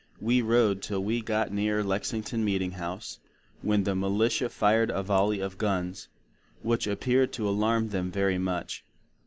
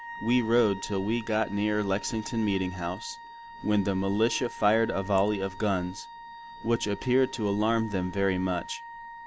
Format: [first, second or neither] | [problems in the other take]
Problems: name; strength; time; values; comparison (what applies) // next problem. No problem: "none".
first | background sound (Wind instrument, woodwind instrument); 15 dB below the speech